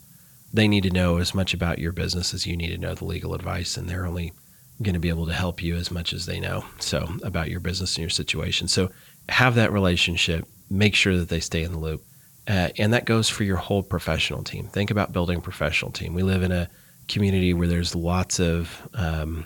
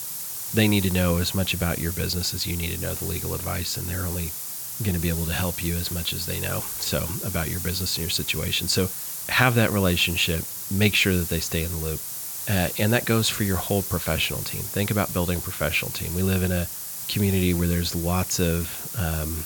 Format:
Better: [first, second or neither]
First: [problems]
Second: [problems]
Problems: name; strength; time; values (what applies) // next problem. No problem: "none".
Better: first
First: hiss; faint; throughout; 25 dB below the speech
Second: hiss; loud; throughout; 5 dB below the speech